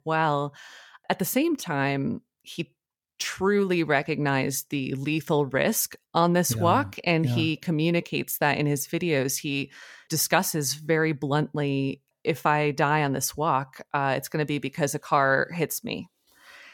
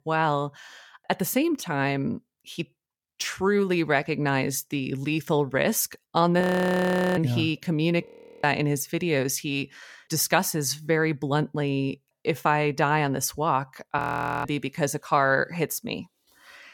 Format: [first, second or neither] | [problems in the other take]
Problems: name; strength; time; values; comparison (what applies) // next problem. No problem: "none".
first | audio freezing; at 6.5 s for 1 s, at 8 s and at 14 s